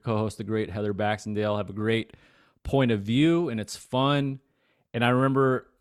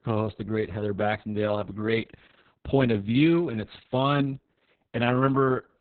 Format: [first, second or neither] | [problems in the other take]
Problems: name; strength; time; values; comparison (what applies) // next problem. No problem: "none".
first | garbled, watery; badly; nothing above 4 kHz